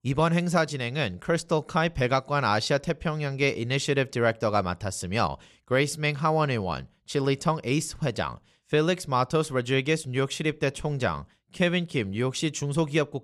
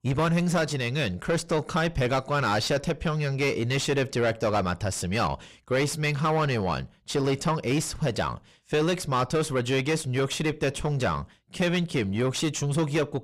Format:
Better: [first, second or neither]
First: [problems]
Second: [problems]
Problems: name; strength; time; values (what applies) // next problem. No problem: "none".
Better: first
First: none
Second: distortion; heavy; 7 dB below the speech